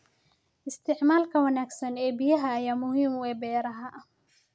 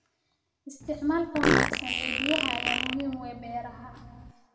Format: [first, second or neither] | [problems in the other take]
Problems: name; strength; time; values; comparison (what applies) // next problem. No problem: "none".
first | background sound (Fart); 3 dB above the speech // room echo; dies away in 1.6 s